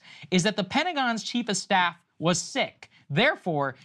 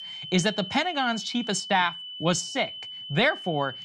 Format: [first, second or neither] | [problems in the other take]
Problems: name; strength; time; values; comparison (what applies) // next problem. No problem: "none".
first | high-pitched whine; loud; throughout; 3 kHz, 10 dB below the speech